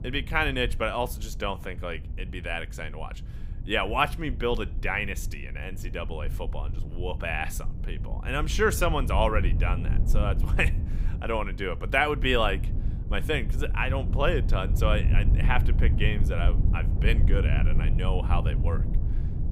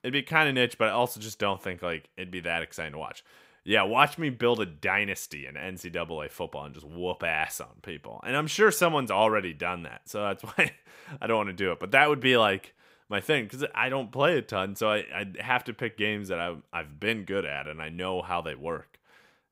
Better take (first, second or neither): second